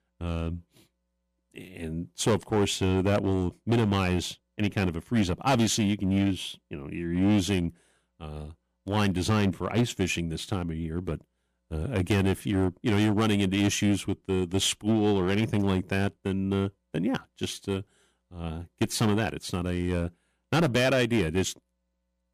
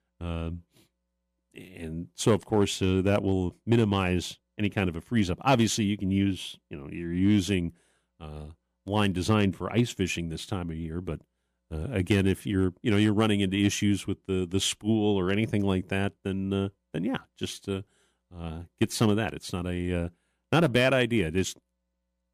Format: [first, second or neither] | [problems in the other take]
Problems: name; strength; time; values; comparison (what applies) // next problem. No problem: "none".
second | distortion; slight; 6% of the sound clipped